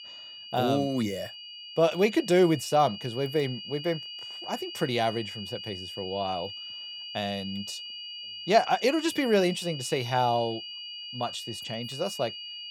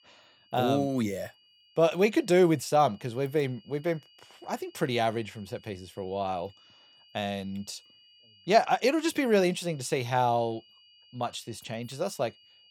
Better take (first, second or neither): second